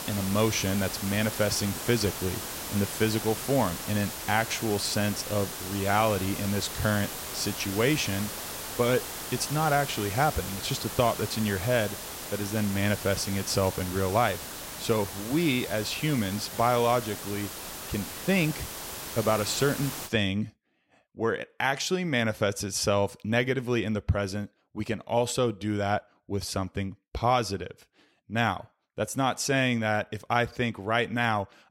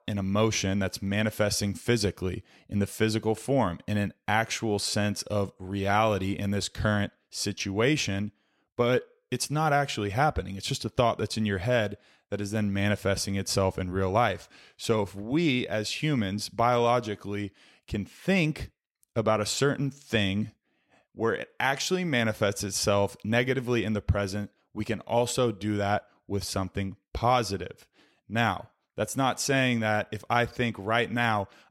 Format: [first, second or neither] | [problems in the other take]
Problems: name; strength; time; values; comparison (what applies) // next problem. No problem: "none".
second | hiss; loud; until 20 s; 7 dB below the speech